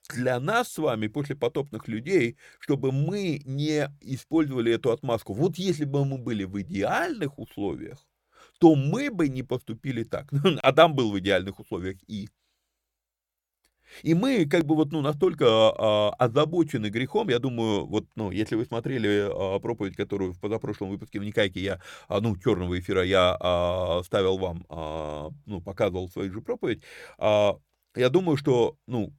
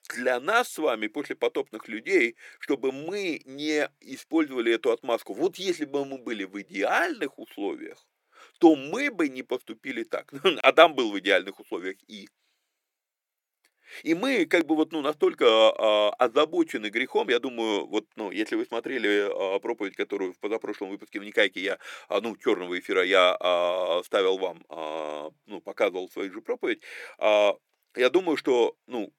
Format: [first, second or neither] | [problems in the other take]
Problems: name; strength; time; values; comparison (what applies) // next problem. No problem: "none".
first | thin; somewhat; fading below 300 Hz